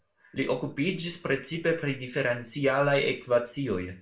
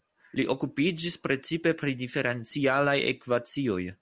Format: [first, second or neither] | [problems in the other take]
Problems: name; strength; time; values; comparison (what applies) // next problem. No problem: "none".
second | room echo; dies away in 0.3 s